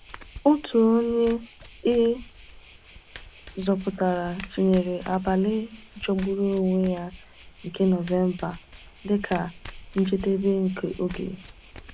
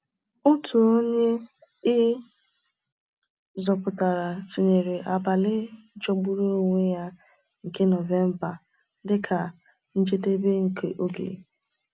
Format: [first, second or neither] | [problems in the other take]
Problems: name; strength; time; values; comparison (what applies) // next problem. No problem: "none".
second | background sound (Waves, surf + Domestic sounds, home sounds); 18 dB below the speech